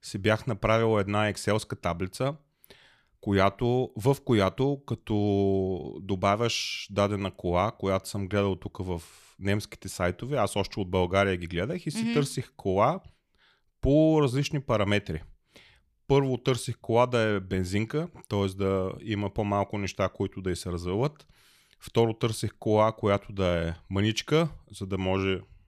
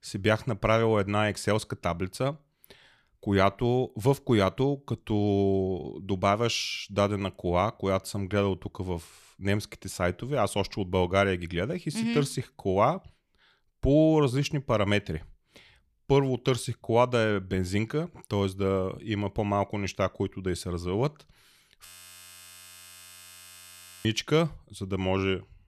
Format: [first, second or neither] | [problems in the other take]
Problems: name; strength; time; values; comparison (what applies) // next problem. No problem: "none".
first | audio freezing; at 22 s for 2 s